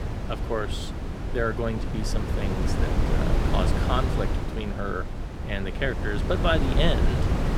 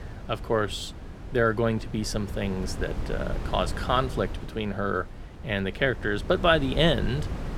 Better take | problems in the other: second | wind noise on the microphone; heavy; 4 dB below the speech; occasional gusts in the second

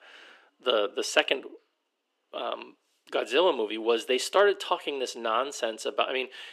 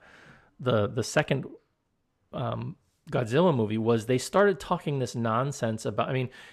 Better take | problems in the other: second | thin; very; fading below 300 Hz

